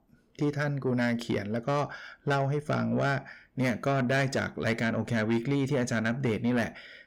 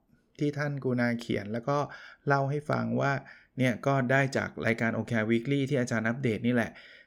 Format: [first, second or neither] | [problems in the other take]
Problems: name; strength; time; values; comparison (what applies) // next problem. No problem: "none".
second | distortion; slight; 10 dB below the speech